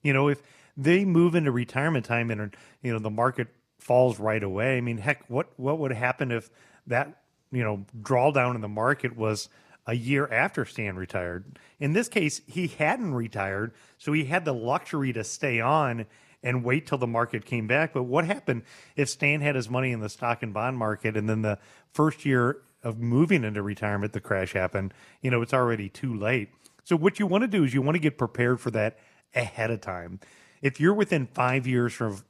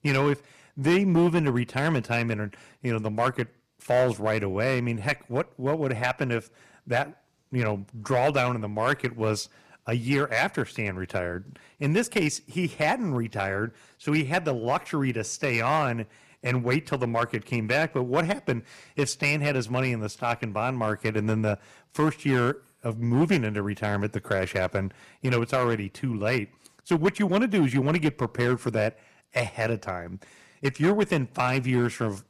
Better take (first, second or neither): first